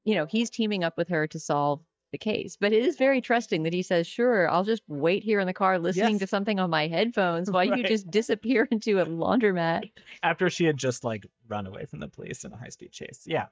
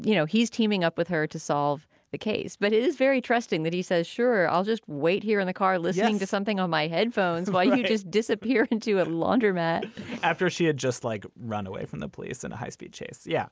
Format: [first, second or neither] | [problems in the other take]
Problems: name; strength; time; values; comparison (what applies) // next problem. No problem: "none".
second | noise reduction (neural mask model DeepFilterNet 3)